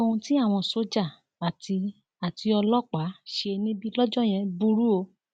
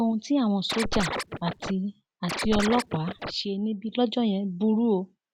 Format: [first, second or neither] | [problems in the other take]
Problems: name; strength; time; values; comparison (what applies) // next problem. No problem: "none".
first | background sound (Scratching (performance technique)); 5 dB below the speech